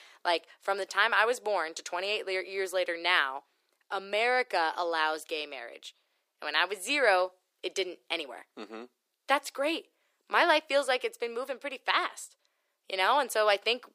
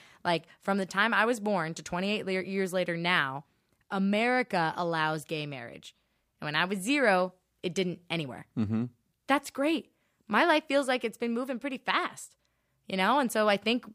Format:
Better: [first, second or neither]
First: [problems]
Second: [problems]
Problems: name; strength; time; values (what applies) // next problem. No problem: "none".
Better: second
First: thin; very; fading below 350 Hz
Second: none